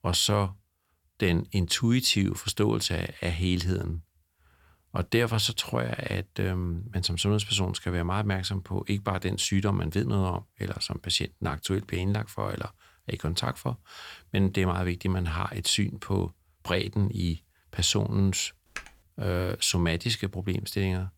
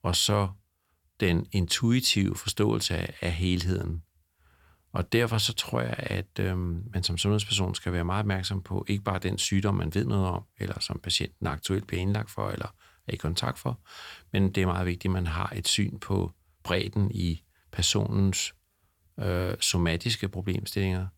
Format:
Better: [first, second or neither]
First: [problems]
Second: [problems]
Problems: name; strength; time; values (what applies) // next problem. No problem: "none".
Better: second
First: keyboard typing; faint; at 19 s; peak 15 dB below the speech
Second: none